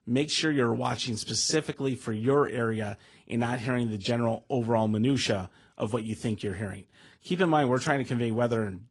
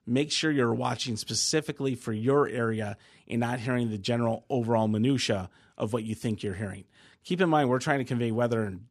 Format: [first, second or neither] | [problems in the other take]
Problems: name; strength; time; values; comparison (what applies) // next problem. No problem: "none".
second | garbled, watery; slightly; nothing above 10 kHz